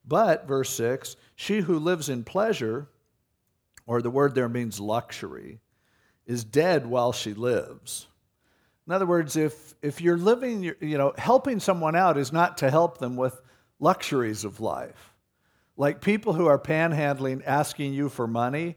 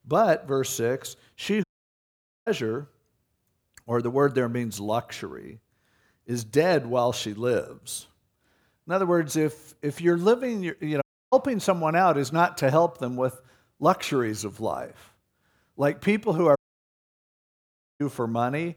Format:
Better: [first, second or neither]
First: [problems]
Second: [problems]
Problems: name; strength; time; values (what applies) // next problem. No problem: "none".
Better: first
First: none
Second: audio cutting out; at 1.5 s for 1 s, at 11 s and at 17 s for 1.5 s